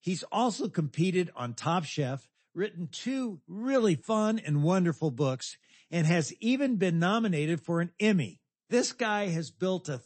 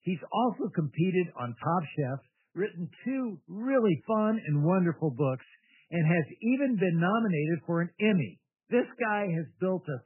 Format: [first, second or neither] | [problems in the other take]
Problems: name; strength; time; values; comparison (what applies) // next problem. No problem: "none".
first | garbled, watery; badly; nothing above 3 kHz; slightly in the first